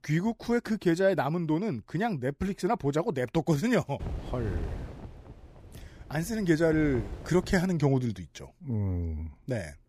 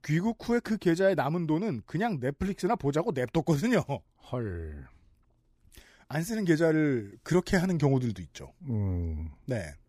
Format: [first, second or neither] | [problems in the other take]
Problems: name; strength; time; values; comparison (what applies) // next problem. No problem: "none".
second | wind noise on the microphone; occasional gusts; from 4 to 7.5 s; 15 dB below the speech